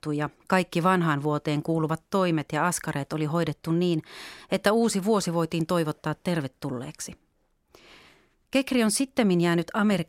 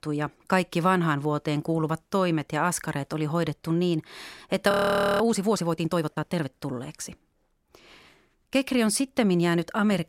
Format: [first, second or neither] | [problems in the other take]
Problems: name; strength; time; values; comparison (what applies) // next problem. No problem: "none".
first | audio freezing; at 4.5 s